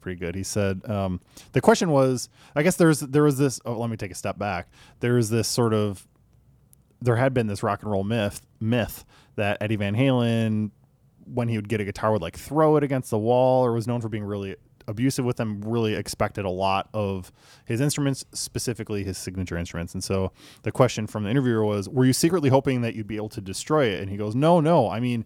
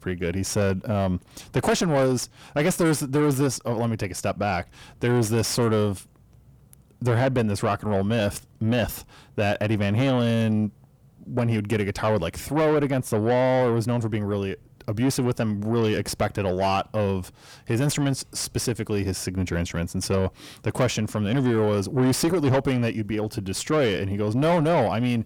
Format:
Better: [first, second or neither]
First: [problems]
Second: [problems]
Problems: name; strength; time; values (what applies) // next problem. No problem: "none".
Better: first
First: none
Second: distortion; heavy; 8 dB below the speech